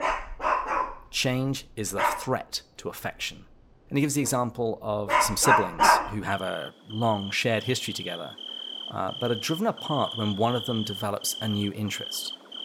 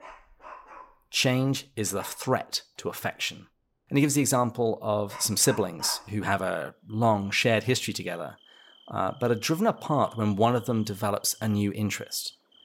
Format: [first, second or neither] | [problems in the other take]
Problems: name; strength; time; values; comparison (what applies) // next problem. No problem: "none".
second | animal sounds; loud; throughout; as loud as the speech; faint in the second